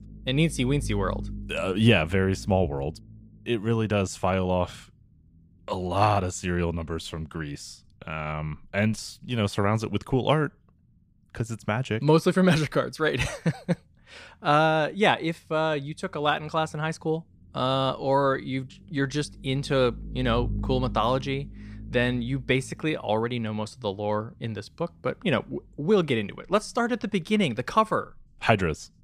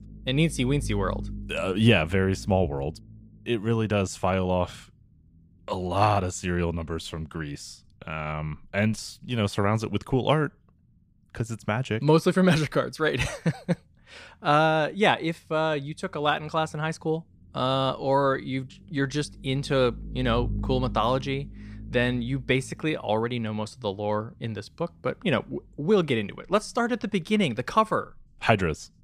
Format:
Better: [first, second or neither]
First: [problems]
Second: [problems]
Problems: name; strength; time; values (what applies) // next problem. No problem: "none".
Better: neither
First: low rumble; faint; throughout; 25 dB below the speech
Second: low rumble; faint; throughout; 25 dB below the speech